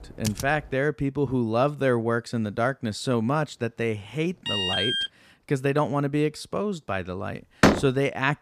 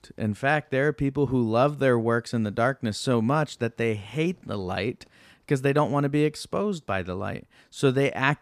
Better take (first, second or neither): second